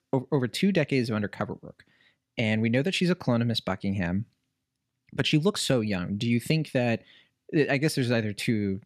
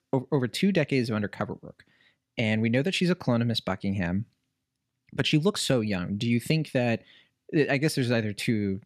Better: neither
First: none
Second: none

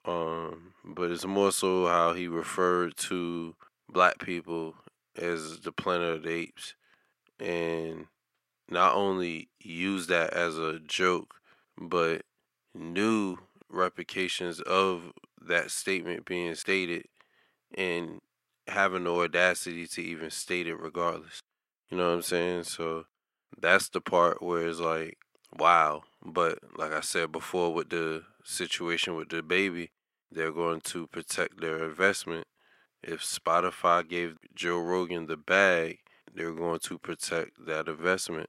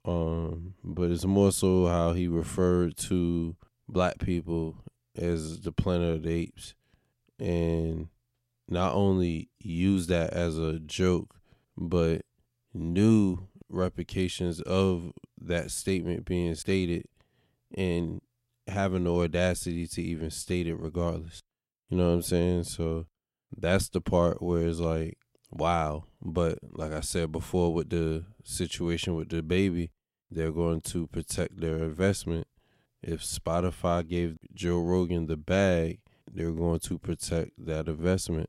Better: second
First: thin; somewhat; fading below 300 Hz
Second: none

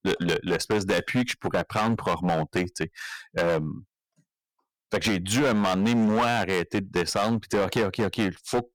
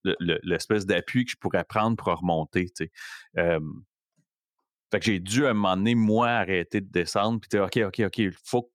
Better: second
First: distortion; heavy; 14% of the sound clipped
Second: none

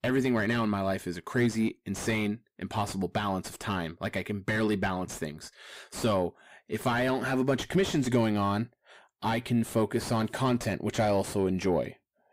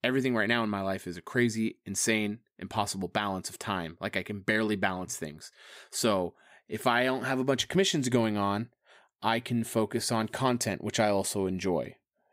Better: second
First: distortion; heavy; 7 dB below the speech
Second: none

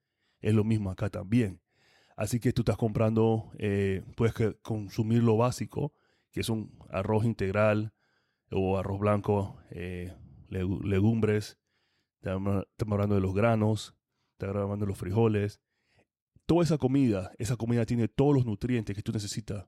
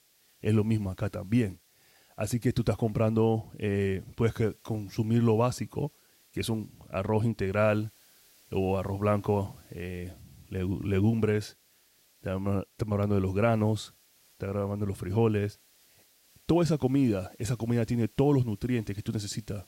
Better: first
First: none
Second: hiss; faint; throughout; 30 dB below the speech

